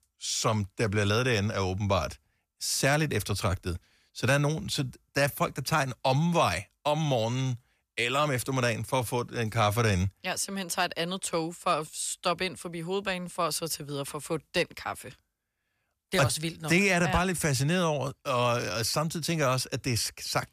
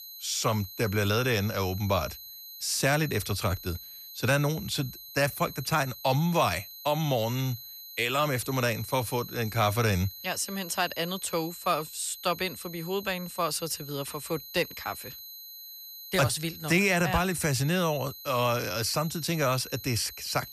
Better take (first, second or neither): first